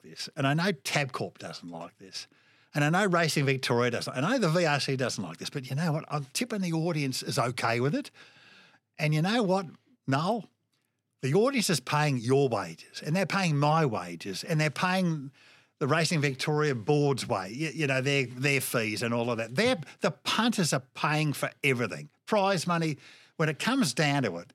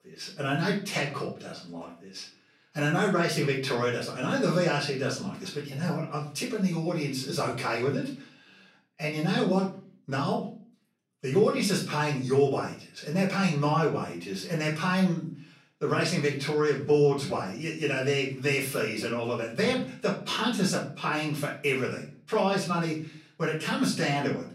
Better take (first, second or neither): first